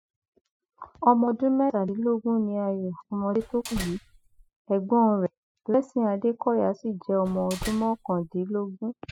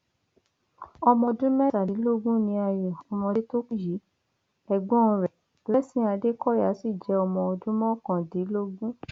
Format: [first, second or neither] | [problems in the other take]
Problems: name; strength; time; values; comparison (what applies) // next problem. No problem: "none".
second | noise reduction (classical method spectral subtraction)